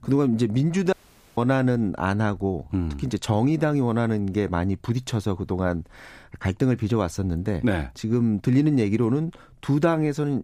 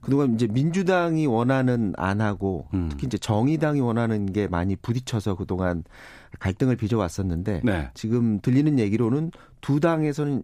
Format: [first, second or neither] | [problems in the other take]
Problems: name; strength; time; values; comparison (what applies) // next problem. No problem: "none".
second | audio cutting out; at 1 s